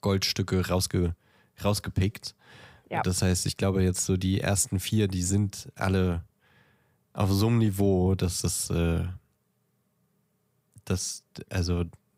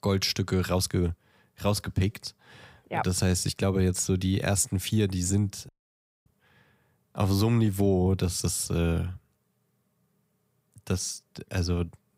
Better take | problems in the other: first | audio cutting out; at 5.5 s for 0.5 s

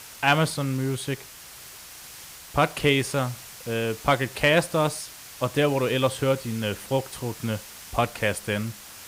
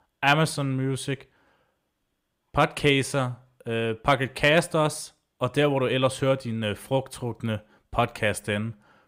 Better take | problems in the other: second | hiss; noticeable; throughout; 15 dB below the speech

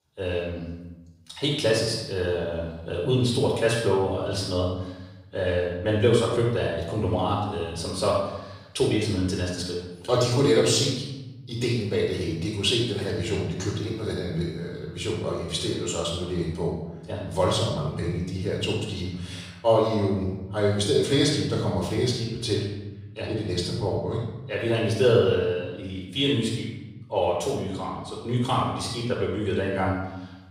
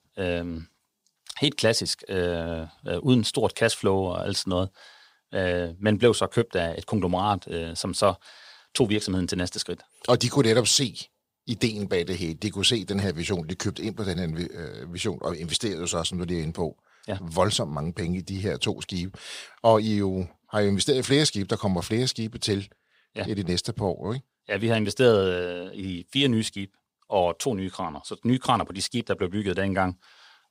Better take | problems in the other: second | off-mic speech; far // room echo; noticeable; dies away in 1 s

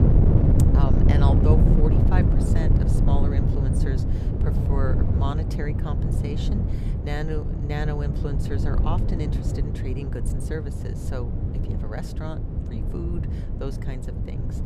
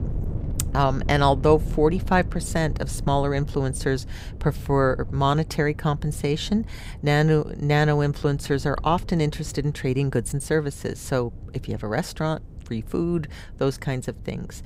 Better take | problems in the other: second | wind noise on the microphone; heavy; 1 dB above the speech; occasional gusts in the second

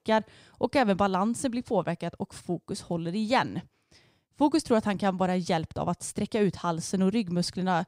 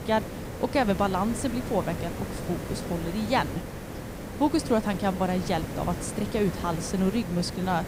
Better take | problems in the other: first | hiss; loud; throughout; 7 dB below the speech

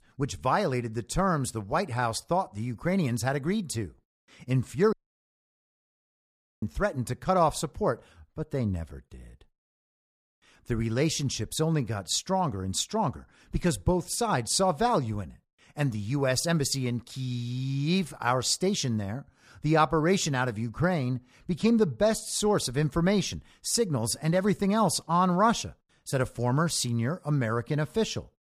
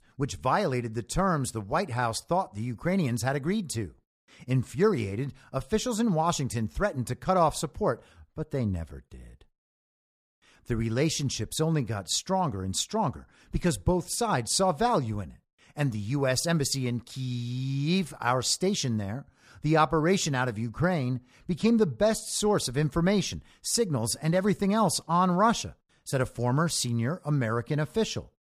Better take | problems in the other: second | audio cutting out; at 5 s for 1.5 s

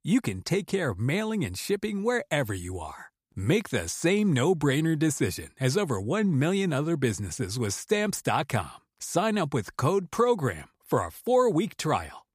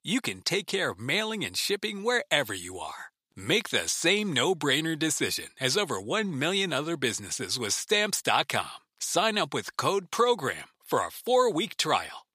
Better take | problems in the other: first | thin; somewhat; fading below 600 Hz

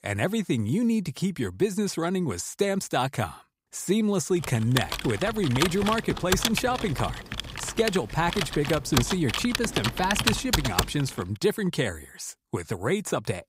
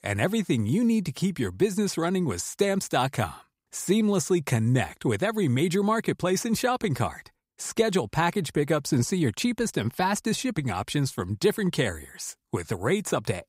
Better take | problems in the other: second | keyboard typing; loud; from 4.5 to 11 s; peak 3 dB above the speech

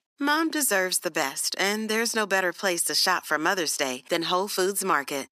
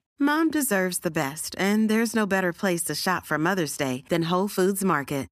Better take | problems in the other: second | thin; somewhat; fading below 400 Hz

